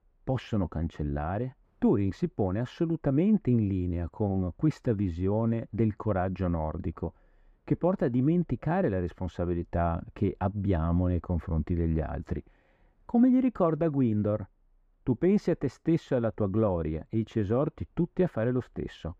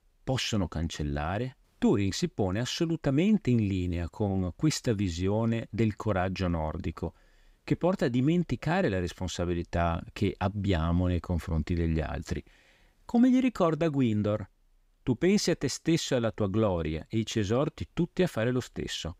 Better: second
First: muffled; very; fading above 2.5 kHz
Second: none

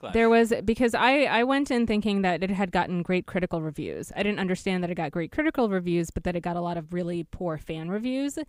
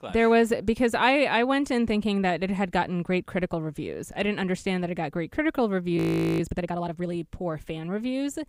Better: first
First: none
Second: audio freezing; at 6 s

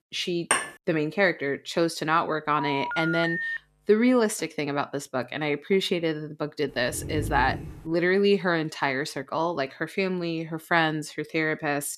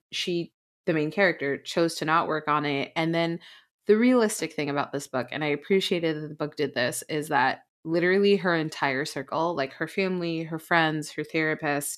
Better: second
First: clattering dishes; loud; at 0.5 s; peak level with the speech // phone ringing; noticeable; at 2.5 s; peak 2 dB below the speech // dog barking; noticeable; at 7 s; peak 6 dB below the speech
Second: none

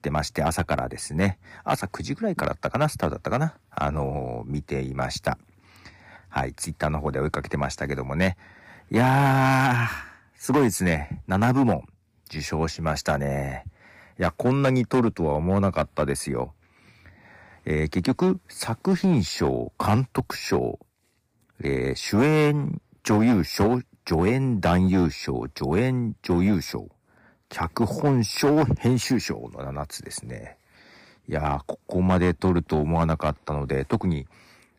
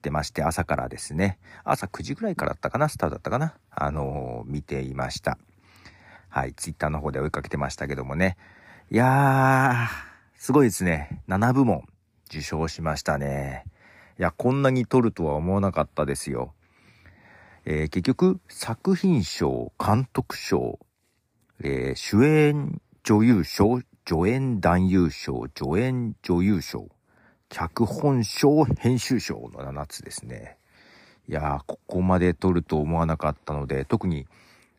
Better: second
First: distortion; slight; 4% of the sound clipped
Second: none

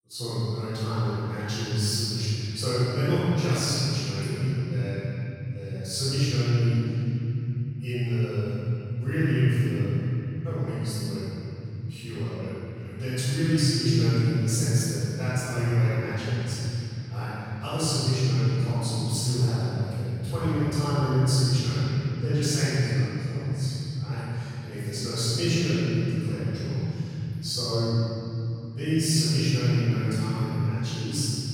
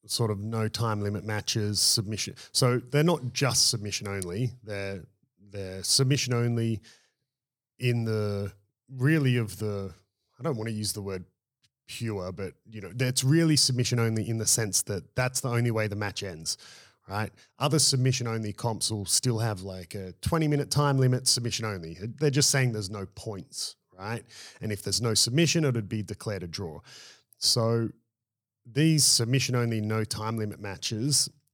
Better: second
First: off-mic speech; far // room echo; strong; dies away in 3 s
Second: none

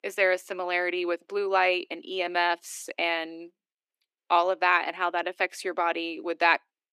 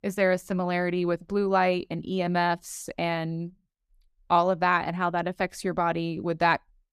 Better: second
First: thin; very; fading below 300 Hz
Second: none

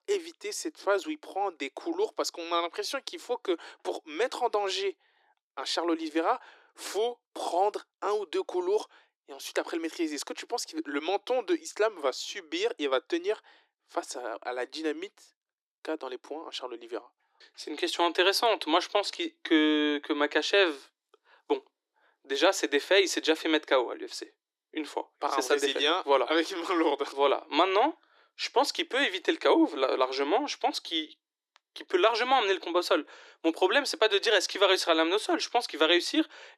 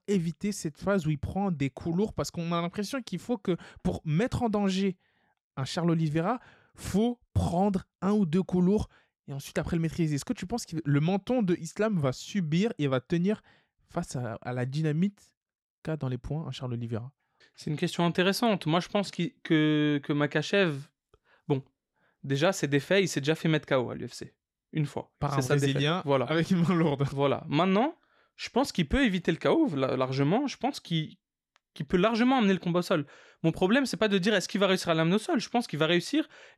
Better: second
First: thin; very; fading below 300 Hz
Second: none

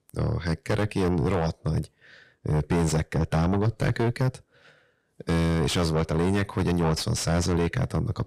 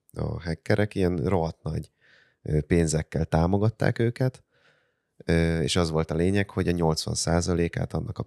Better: second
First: distortion; heavy; 6 dB below the speech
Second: none

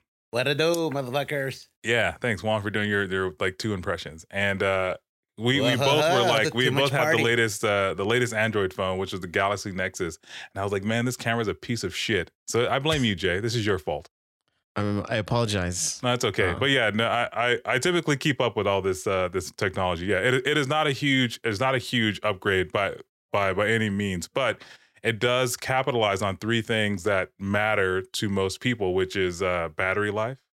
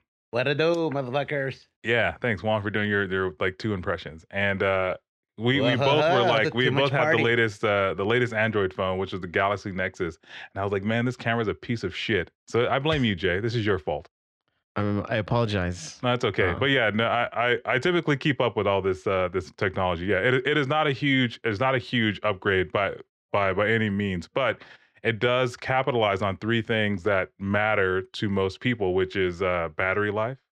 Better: first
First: none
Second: muffled; slightly; fading above 3 kHz

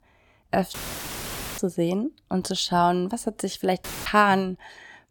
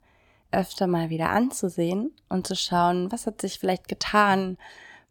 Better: second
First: audio cutting out; filled with static; at 0.5 s for 1 s and at 4 s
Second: none

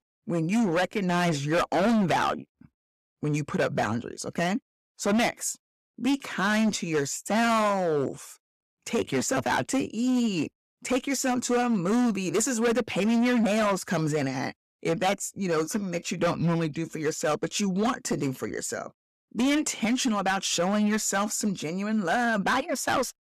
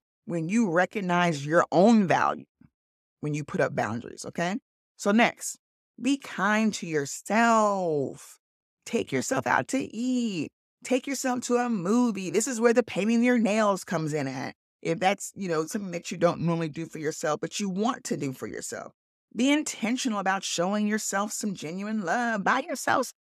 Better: second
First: distortion; heavy; 12% of the sound clipped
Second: none

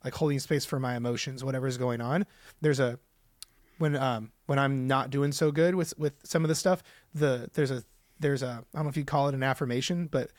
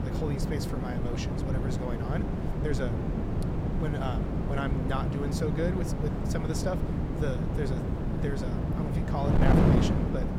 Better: first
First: none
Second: wind noise on the microphone; heavy; 1 dB above the speech

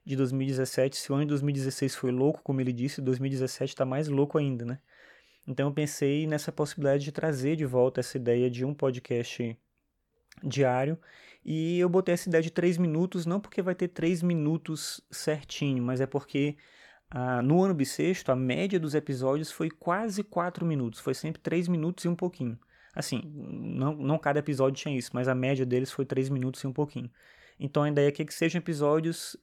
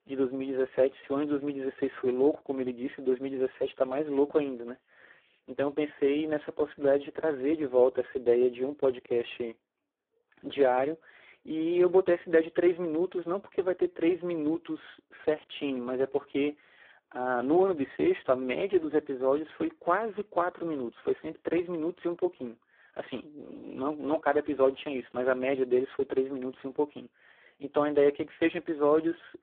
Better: first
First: none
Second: phone-call audio; poor line

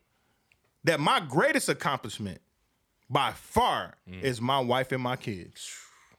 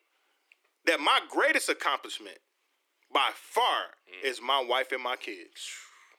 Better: first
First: none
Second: thin; somewhat; fading below 300 Hz

